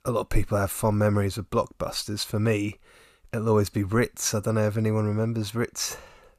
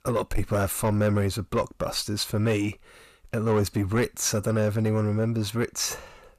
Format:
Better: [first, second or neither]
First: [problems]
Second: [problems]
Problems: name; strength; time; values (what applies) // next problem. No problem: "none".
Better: first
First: none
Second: distortion; slight; 10 dB below the speech